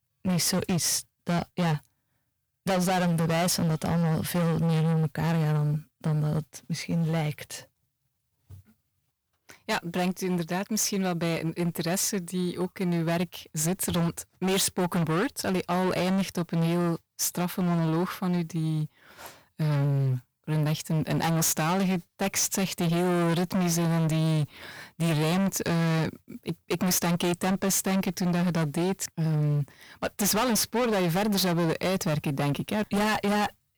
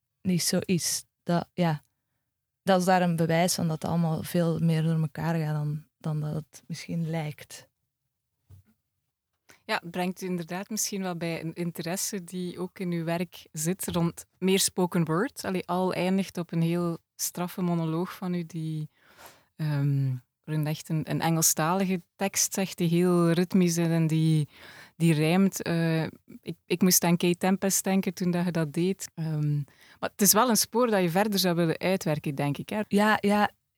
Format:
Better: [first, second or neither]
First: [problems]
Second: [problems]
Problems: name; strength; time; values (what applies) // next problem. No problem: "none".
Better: second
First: distortion; heavy; 25% of the sound clipped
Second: none